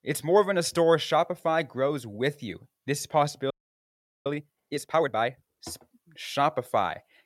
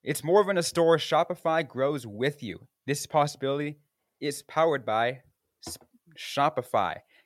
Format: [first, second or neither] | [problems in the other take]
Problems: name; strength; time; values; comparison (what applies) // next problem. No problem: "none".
second | audio freezing; at 3.5 s for 1 s